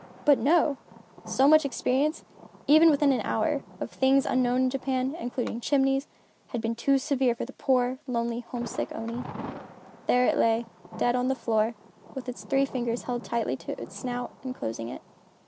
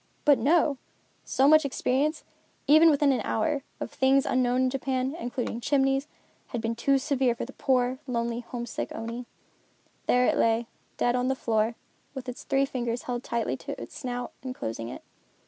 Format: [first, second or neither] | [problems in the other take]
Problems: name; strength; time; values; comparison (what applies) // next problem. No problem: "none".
second | background sound (Thunder); 19 dB below the speech